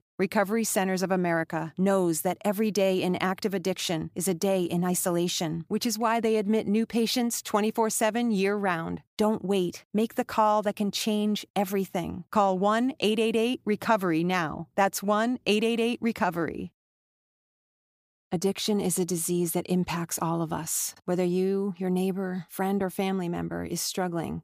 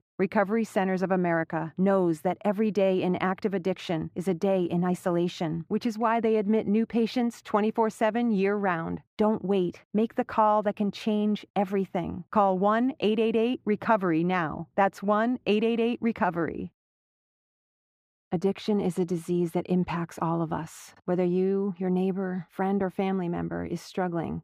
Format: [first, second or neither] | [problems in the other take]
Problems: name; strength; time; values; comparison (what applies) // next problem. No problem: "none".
first | muffled; very; fading above 4 kHz